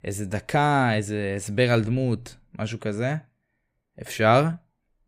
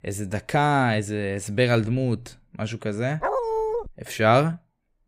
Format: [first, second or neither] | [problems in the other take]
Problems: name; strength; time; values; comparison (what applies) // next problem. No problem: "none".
first | dog barking; noticeable; at 3 s; peak 1 dB below the speech